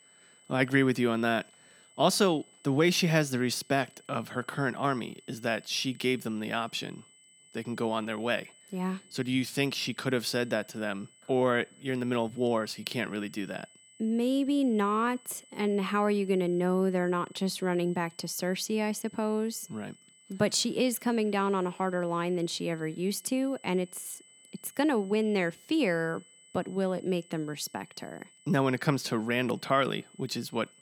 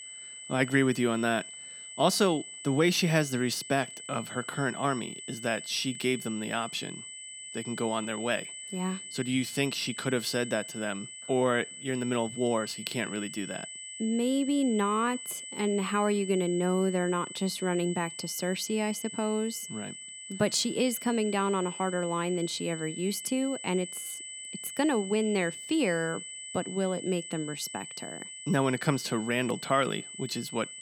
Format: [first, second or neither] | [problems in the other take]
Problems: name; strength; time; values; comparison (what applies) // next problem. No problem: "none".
first | high-pitched whine; loud; throughout; 8 kHz, 10 dB below the speech; faint in the first